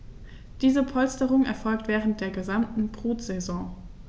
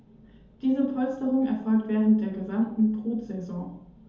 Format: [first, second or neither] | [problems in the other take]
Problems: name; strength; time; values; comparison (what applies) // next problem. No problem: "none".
first | room echo; dies away in 0.6 s